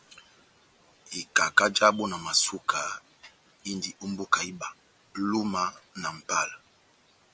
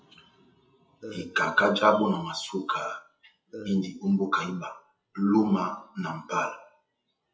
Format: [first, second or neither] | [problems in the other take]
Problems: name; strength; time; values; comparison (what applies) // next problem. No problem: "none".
first | noise reduction (classical method WPE with log-MMSE)